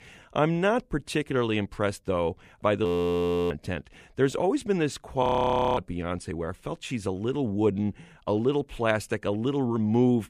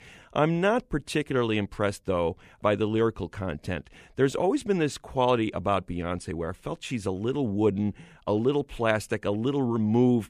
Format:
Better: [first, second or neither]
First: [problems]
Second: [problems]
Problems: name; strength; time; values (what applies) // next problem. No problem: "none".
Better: second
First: audio freezing; at 3 s for 0.5 s and at 5 s for 0.5 s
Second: none